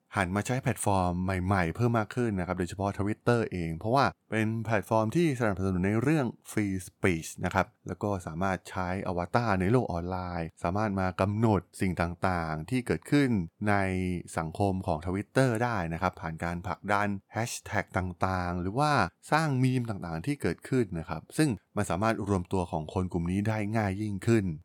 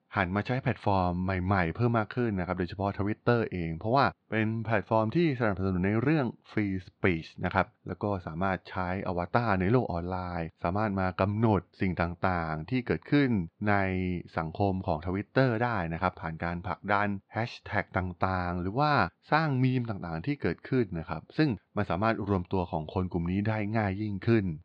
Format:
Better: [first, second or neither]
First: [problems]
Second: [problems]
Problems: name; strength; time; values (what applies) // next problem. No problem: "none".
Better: first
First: none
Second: muffled; very slightly; fading above 4.5 kHz